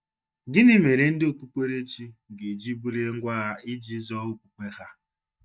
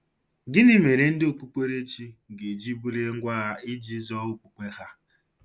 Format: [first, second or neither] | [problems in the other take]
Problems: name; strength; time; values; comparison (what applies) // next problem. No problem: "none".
second | noise reduction (neural mask model DeepFilterNet 3)